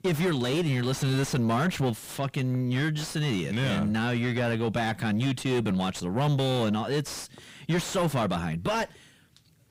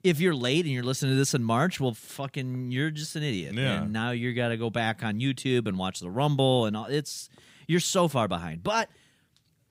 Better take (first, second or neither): second